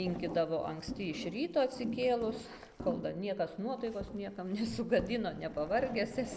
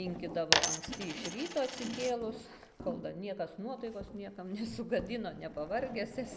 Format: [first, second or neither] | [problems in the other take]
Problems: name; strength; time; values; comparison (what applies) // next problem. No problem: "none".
first | background sound (Coin (dropping)); 3 dB above the speech